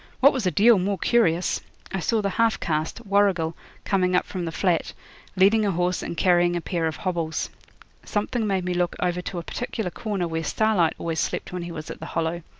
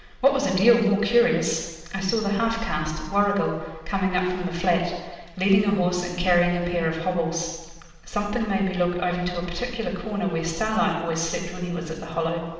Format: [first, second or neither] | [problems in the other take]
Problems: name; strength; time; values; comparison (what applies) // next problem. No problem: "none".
first | room echo; dies away in 1.2 s